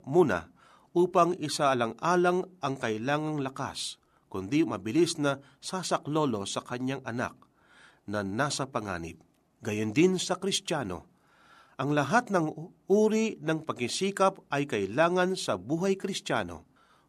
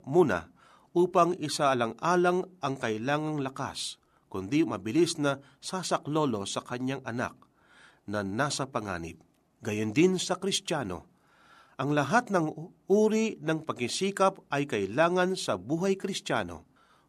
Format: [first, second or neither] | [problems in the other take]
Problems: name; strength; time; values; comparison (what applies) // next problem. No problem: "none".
neither | none